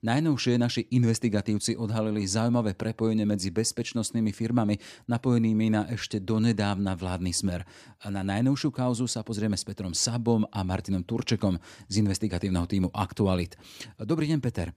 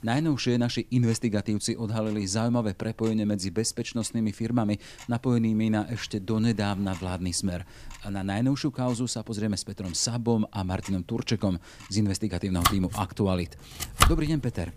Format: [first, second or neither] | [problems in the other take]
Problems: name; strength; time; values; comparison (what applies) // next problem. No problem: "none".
first | household noises; loud; throughout; 1 dB below the speech